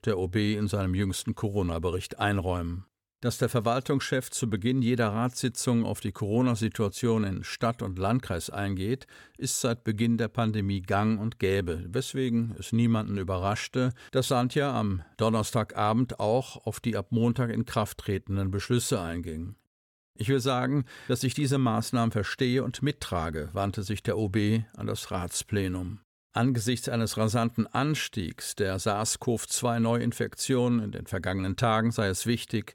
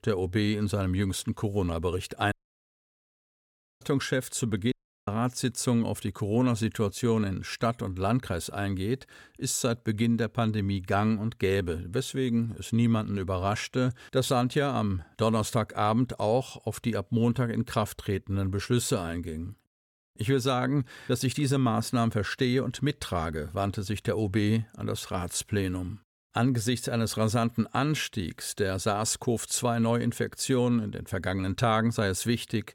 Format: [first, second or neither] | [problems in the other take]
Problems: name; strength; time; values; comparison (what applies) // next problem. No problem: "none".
first | audio cutting out; at 2.5 s for 1.5 s and at 4.5 s